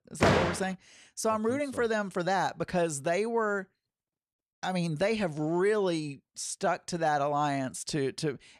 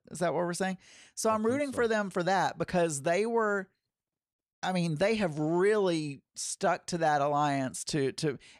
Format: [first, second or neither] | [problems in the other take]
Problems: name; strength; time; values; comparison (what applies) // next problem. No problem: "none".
second | door banging; loud; at the start; peak 5 dB above the speech